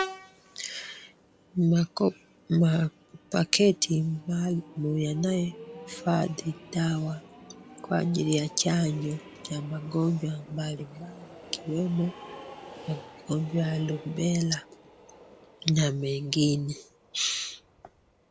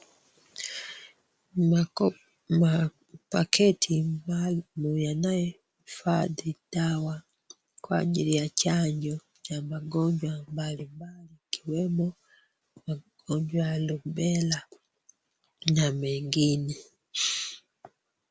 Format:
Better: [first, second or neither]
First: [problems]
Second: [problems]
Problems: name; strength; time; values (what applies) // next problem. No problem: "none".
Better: second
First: background sound (Train); 17 dB below the speech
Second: none